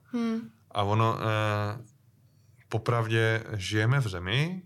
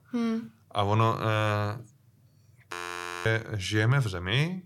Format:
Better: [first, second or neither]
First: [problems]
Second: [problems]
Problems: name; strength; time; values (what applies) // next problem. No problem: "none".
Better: first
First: none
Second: audio freezing; at 2.5 s for 0.5 s